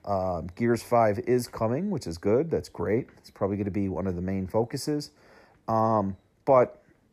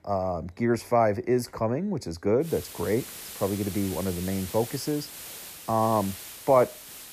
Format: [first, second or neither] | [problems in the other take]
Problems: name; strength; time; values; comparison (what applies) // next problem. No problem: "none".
first | hiss; noticeable; from 2.5 s on; 10 dB below the speech